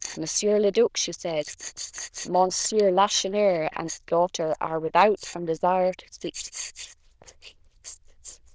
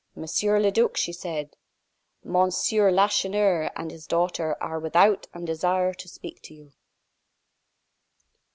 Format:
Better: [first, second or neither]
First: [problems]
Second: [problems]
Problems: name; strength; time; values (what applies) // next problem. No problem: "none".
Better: second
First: noise reduction (neural diffusion model UNIVERSE++)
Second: none